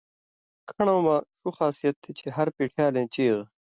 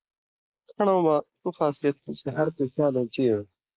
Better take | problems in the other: first | noise reduction (neural mask model Resemble Enhance denoiser)

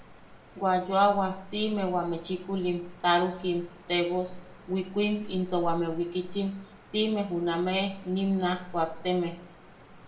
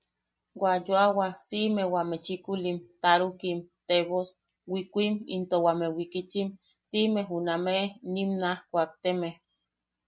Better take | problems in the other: second | background sound (Cricket); 15 dB below the speech // room echo; dies away in 0.6 s

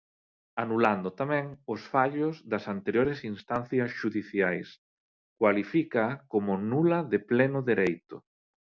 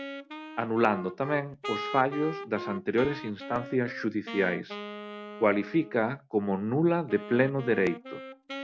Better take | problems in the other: first | background sound (Wind instrument, woodwind instrument); 12 dB below the speech

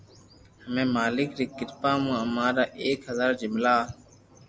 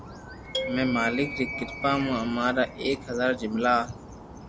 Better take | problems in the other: first | background sound (Marimba, xylophone + Animal); 9 dB below the speech

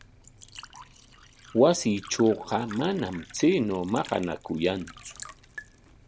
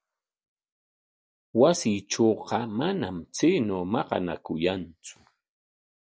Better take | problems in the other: second | background sound (Liquid); 19 dB below the speech

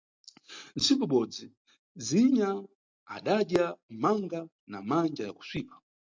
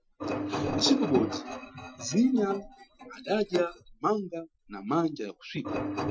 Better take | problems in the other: first | noise reduction (classical method Wiener filter)

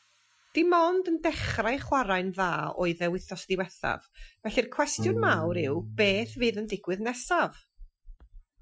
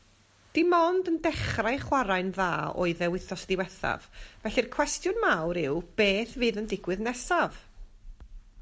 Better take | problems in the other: second | noise reduction (classical method Wiener filter)

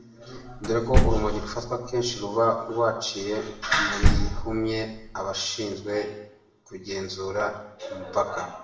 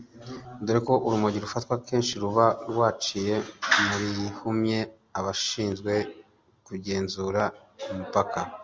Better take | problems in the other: second | background sound (Slam); 4 dB above the speech // room echo; dies away in 0.8 s

